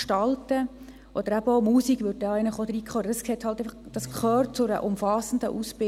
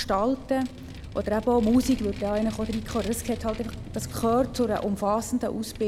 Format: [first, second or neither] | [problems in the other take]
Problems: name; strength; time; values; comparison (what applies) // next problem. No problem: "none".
first | background sound (Vehicle); 12 dB below the speech